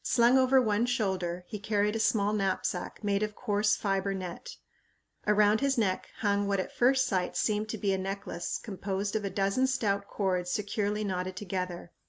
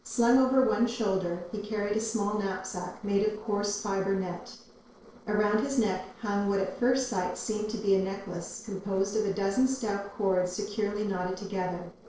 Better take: first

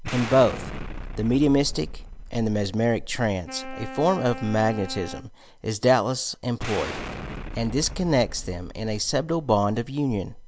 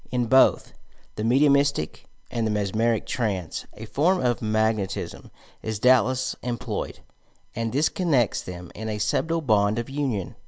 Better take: second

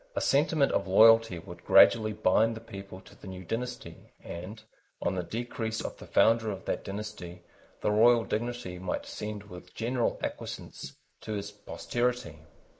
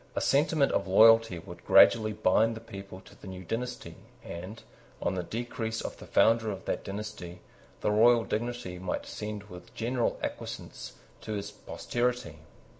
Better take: second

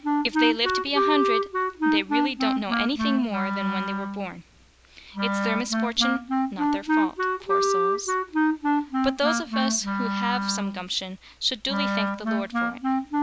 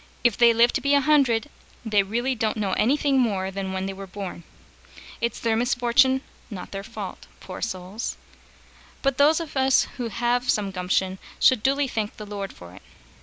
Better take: second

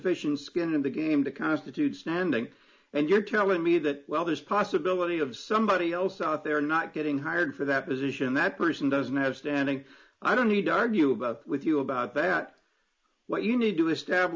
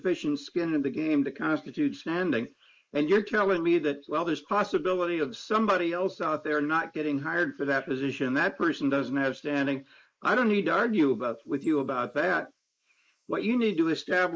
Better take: first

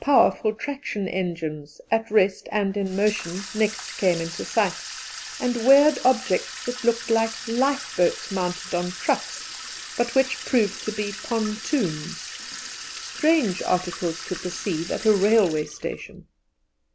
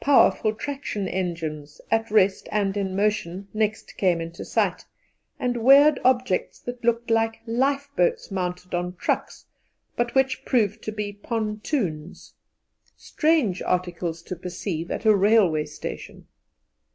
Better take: second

